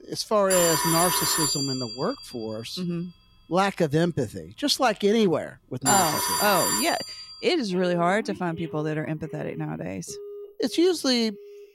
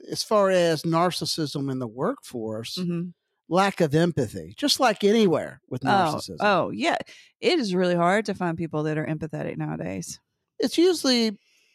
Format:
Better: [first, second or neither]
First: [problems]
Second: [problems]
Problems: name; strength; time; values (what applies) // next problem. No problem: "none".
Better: second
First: alarms or sirens; very loud; throughout; 1 dB above the speech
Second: none